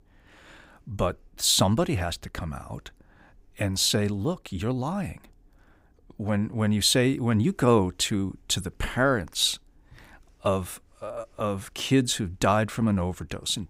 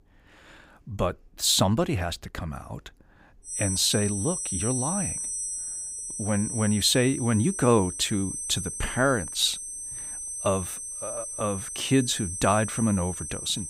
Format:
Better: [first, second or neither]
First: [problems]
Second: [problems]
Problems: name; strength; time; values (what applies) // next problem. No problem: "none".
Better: first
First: none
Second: high-pitched whine; loud; from 3.5 s on; 8 kHz, 5 dB below the speech